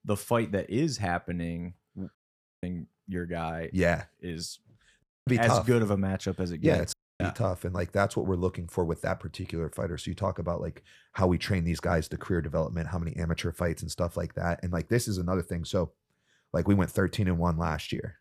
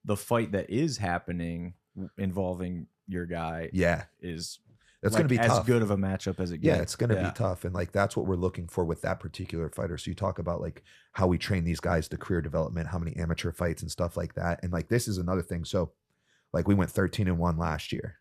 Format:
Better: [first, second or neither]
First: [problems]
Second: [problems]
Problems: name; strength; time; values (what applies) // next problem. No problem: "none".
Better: second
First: audio cutting out; at 2 s, at 5 s and at 7 s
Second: none